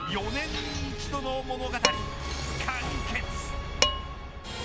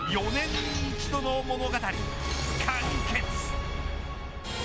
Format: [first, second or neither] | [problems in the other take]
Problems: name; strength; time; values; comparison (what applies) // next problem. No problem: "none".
second | background sound (Dishes, pots, and pans); 3 dB below the speech